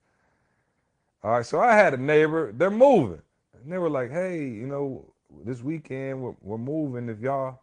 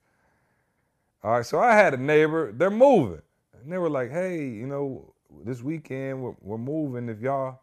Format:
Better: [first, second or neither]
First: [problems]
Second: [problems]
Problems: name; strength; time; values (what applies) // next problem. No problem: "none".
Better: second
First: garbled, watery; slightly; nothing above 9 kHz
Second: none